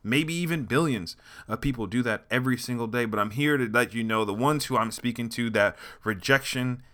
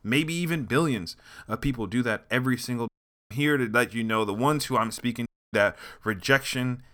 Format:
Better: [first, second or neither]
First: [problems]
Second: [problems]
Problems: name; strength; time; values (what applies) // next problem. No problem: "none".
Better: first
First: none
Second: audio cutting out; at 3 s and at 5.5 s